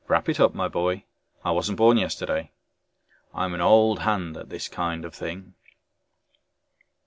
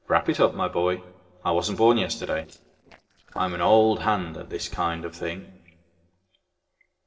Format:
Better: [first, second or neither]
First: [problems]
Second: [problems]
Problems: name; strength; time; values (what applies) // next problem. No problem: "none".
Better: first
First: none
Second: noise reduction (neural separator model SepFormer DNS4)